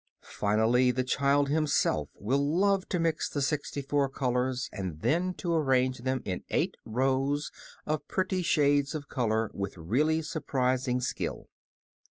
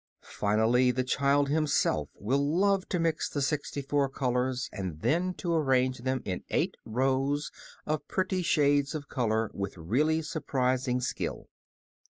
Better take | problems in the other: first | noise reduction (neural mask model Resemble Enhance denoiser)

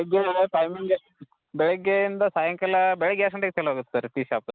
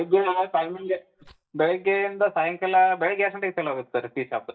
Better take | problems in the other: first | noise reduction (neural mask model DeepFilterNet 3)

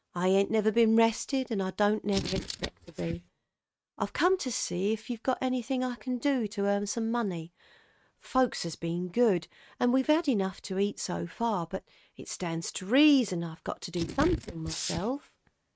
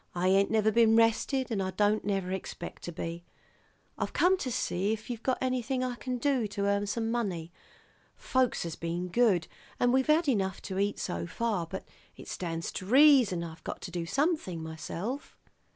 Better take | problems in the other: second | noise reduction (neural mask model RNNoise)

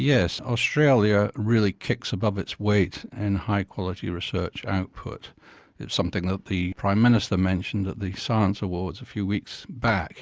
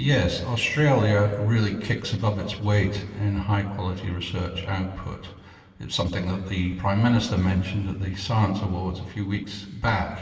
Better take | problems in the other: first | room echo; dies away in 2.6 s

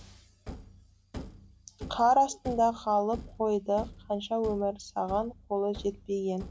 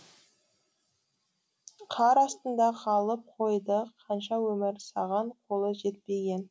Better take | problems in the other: second | background sound (Thump, thud); 15 dB below the speech

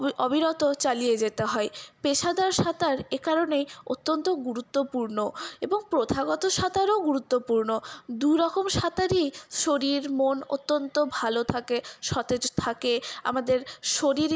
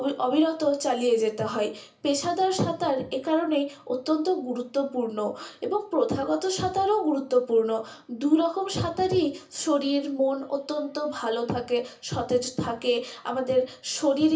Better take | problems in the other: first | room echo; dies away in 0.3 s

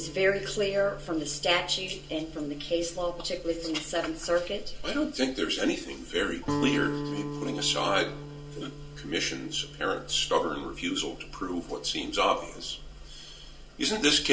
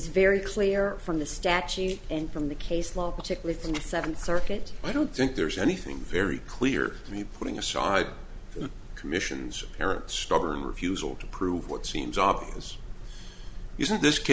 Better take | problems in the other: second | background sound (Guitar); 11 dB below the speech // room echo; dies away in 0.2 s

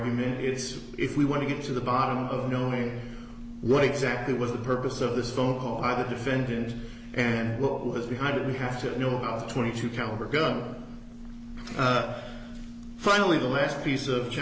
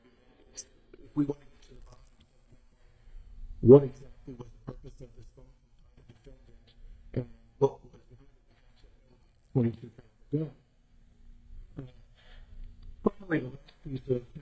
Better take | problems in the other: first | noise reduction (neural mask model DeepFilterNet 3)

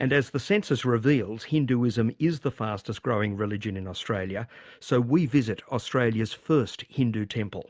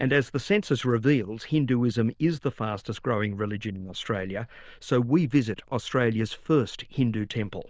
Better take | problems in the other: first | noise reduction (neural diffusion model UNIVERSE++)

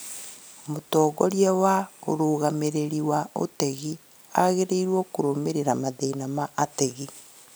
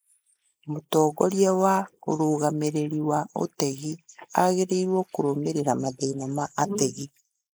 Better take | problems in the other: first | noise reduction (neural mask model Resemble Enhance denoiser)

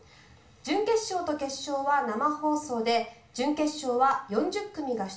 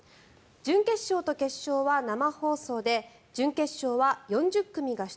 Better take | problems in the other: second | room echo; dies away in 0.4 s

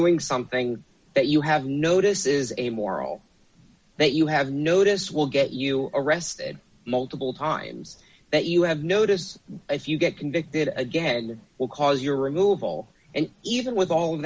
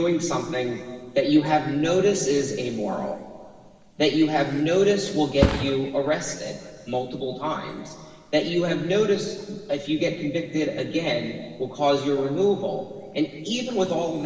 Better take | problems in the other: first | background sound (Thump, thud); 14 dB below the speech // room echo; dies away in 1.9 s

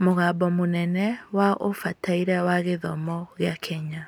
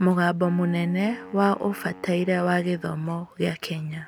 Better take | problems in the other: first | background sound (Wind instrument, woodwind instrument); 19 dB below the speech

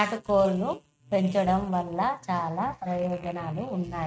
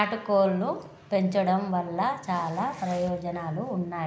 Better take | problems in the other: second | noise reduction (neural mask model RNNoise)

